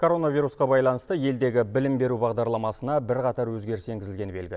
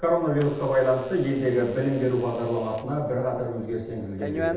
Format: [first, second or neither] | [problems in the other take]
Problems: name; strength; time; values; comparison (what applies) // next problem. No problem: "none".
first | background sound (Alarm / Door); 13 dB below the speech // room echo; dies away in 0.9 s